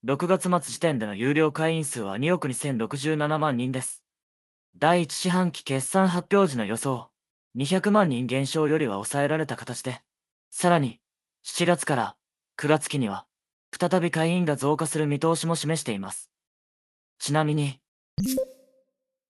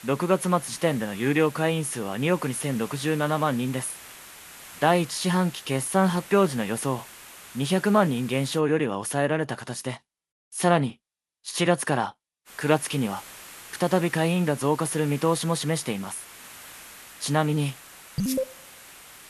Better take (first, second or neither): first